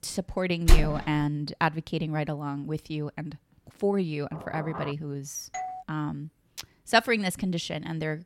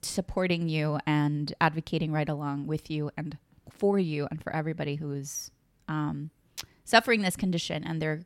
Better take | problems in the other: second | door banging; loud; at 0.5 s; peak 5 dB above the speech // door banging; noticeable; at 4.5 s; peak 9 dB below the speech // doorbell; noticeable; at 5.5 s; peak 7 dB below the speech

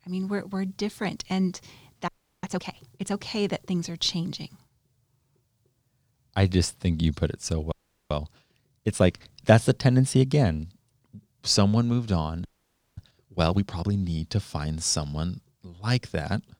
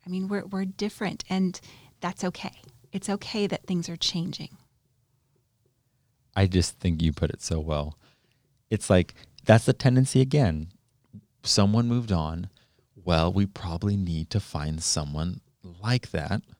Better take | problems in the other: second | audio freezing; at 2 s, at 7.5 s and at 12 s for 0.5 s

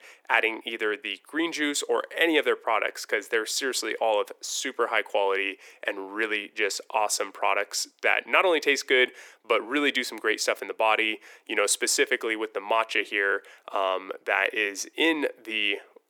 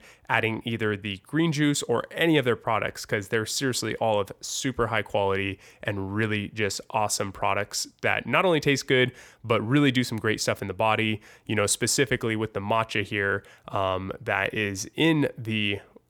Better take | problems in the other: second | thin; somewhat; fading below 350 Hz

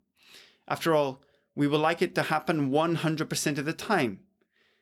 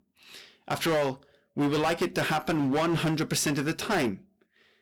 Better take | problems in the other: first | distortion; heavy; 15% of the sound clipped

